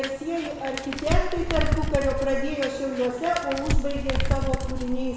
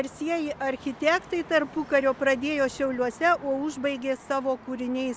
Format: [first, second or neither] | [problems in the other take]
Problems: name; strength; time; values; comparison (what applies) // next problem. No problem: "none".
second | background sound (Crumpling, crinkling); 1 dB above the speech // room echo; dies away in 1 s